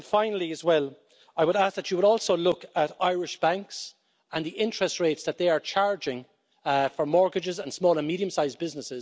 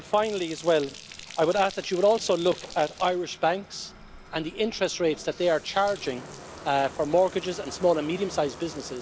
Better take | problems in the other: first | background sound (Bathtub (filling or washing)); 17 dB below the speech

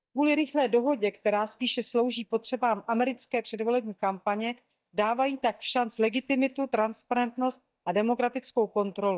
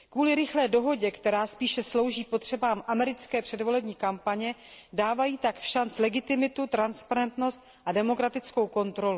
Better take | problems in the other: second | noise reduction (neural mask model DeepFilterNet 3)

